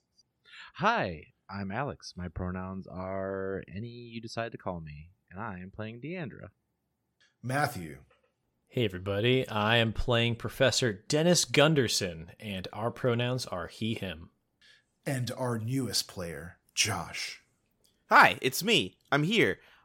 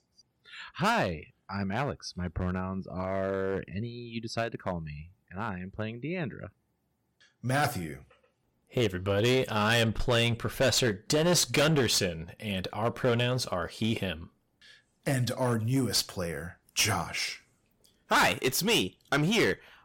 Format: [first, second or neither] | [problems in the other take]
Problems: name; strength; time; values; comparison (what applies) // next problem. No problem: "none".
first | distortion; heavy; 6% of the sound clipped